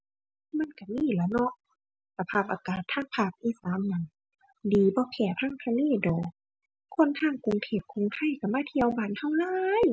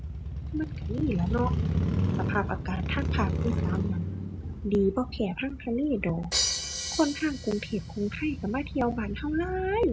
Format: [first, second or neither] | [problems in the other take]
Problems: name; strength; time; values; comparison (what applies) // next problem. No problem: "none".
first | background sound (Motorcycle + Crash cymbal); 1 dB below the speech